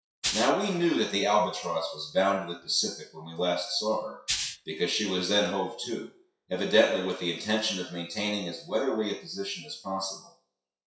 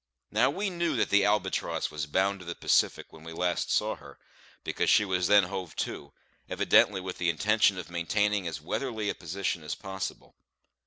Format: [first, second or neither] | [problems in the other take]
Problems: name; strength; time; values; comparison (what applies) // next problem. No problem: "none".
second | noise reduction (classical method WPE with log-MMSE)